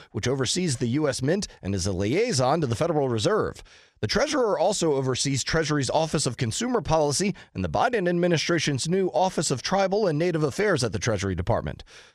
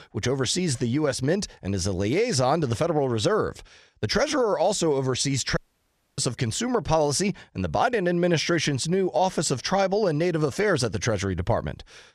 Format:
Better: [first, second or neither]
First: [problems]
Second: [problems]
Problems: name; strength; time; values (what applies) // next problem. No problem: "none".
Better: first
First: none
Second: audio cutting out; at 5.5 s for 0.5 s